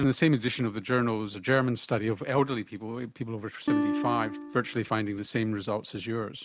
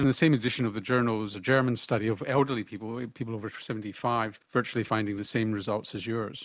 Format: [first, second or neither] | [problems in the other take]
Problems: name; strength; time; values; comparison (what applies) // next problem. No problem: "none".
second | background sound (Acoustic guitar); 1 dB below the speech